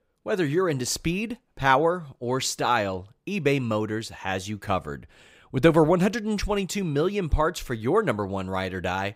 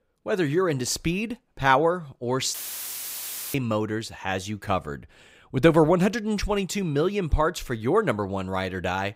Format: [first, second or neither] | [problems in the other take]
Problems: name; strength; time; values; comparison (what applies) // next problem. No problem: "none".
first | audio cutting out; filled with static; at 2.5 s for 1 s